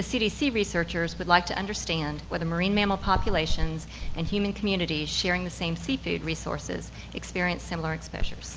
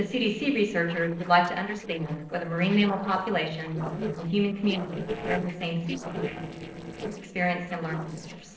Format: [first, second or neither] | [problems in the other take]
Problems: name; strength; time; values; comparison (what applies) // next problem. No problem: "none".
first | noise reduction (neural separator model SepFormer DNS4)